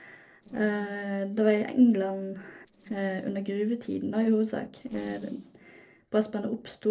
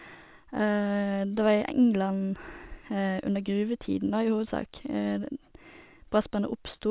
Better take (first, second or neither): second